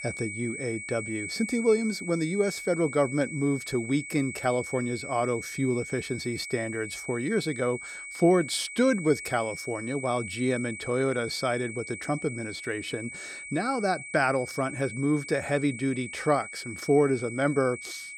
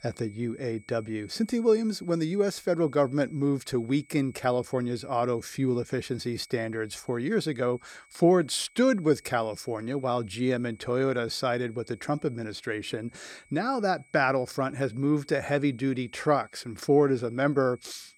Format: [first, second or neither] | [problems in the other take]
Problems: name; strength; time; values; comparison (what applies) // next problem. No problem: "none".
second | high-pitched whine; loud; throughout; 2 kHz, 9 dB below the speech; faint in the second